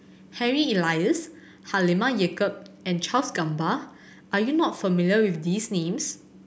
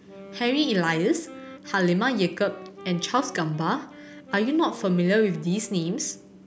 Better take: first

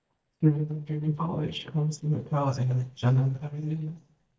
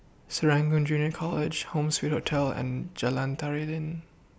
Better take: second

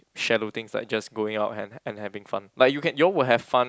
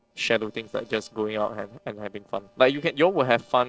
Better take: first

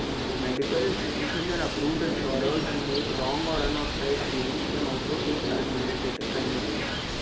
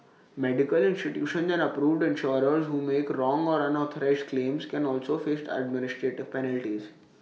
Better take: second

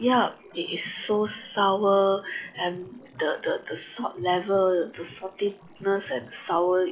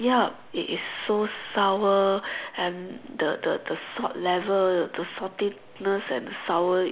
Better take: second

